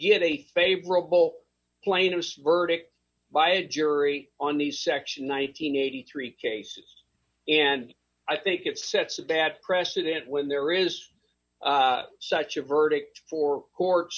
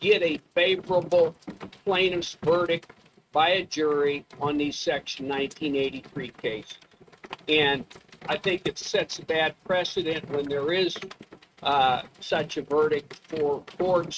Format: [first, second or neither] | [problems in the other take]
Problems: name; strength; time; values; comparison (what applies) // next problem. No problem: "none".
first | noise reduction (neural mask model RNNoise)